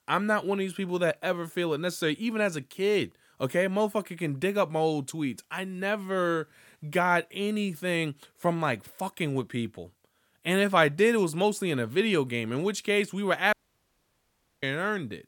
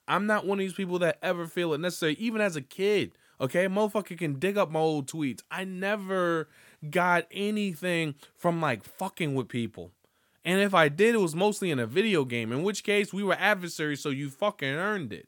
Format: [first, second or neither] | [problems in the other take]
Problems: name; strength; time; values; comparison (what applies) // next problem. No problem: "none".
second | audio cutting out; at 14 s for 1 s